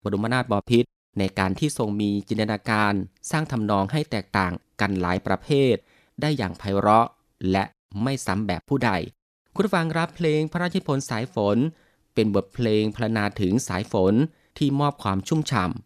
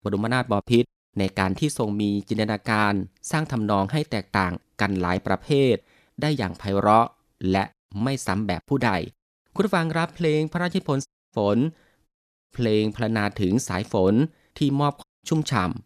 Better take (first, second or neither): first